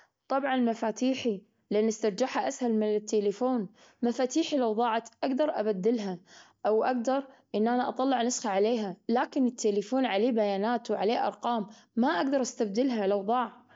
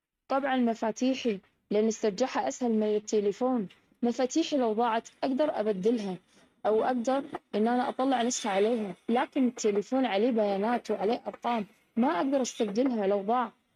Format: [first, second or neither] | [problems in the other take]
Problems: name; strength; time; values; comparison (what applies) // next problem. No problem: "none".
first | noise reduction (neural mask model RNNoise)